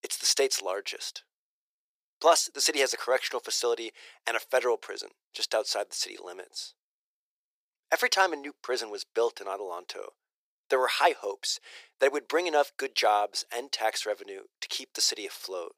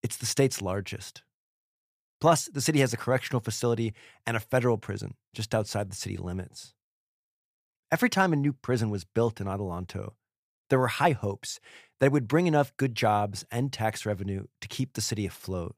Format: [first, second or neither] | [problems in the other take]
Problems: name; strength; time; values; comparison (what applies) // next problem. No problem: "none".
second | thin; very; fading below 400 Hz